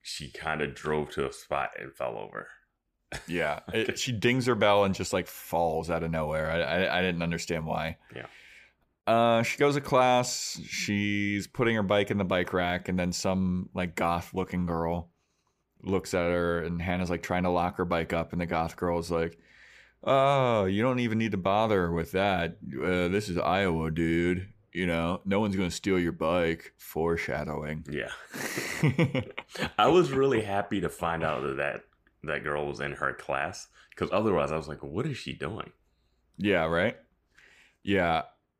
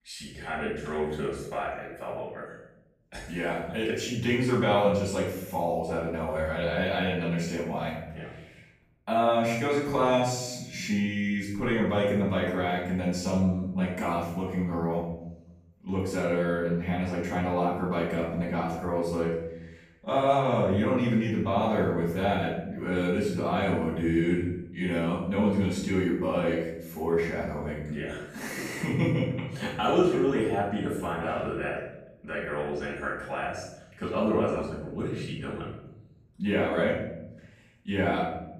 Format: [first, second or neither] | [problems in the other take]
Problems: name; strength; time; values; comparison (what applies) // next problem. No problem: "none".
first | off-mic speech; far // room echo; noticeable; dies away in 0.8 s